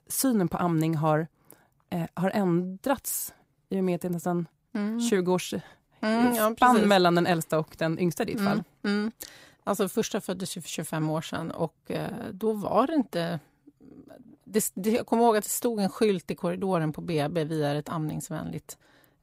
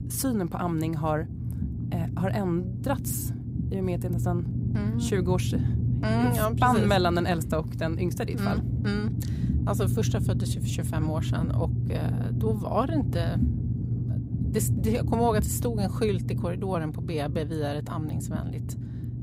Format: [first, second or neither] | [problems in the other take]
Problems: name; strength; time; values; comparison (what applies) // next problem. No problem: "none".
first | low rumble; loud; throughout; 9 dB below the speech